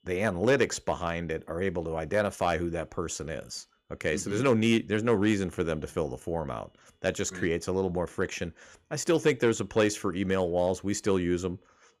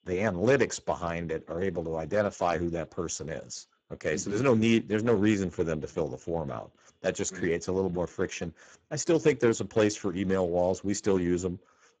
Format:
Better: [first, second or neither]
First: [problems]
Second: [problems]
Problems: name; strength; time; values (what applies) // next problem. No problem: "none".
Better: first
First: none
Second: garbled, watery; badly; nothing above 7.5 kHz